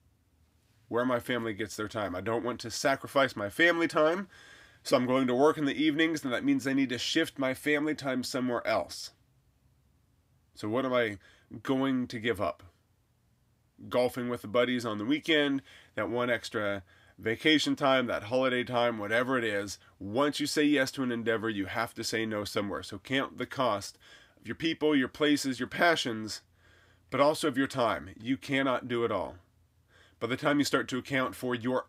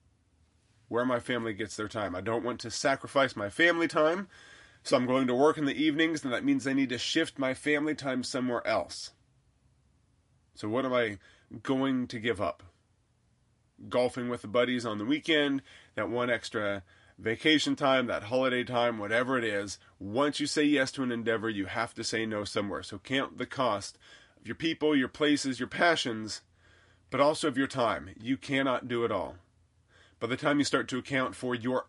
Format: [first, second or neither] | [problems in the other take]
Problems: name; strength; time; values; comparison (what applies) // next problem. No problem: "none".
first | garbled, watery; slightly; nothing above 10.5 kHz